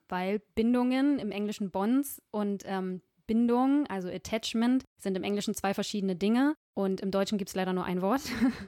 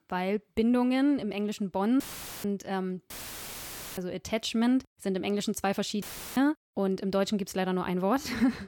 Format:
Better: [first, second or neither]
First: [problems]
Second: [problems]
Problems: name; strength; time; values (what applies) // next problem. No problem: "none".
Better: first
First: none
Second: audio cutting out; filled with static; at 2 s, at 3 s for 1 s and at 6 s